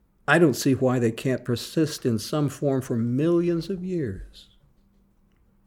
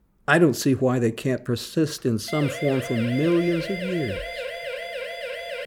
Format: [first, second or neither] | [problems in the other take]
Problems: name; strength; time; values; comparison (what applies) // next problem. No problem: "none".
first | siren; noticeable; from 2.5 s on; peak 8 dB below the speech